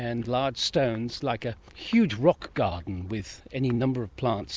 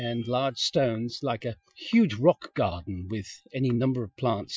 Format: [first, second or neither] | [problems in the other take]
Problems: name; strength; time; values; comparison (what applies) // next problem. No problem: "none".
first | noise reduction (classical method Wiener filter)